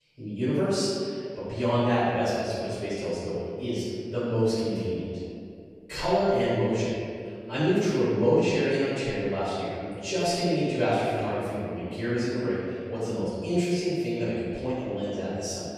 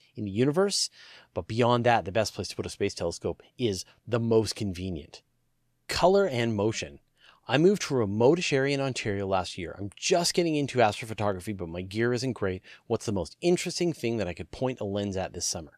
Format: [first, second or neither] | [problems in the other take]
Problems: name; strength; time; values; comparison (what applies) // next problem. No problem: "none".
second | off-mic speech; far // room echo; strong; dies away in 2.1 s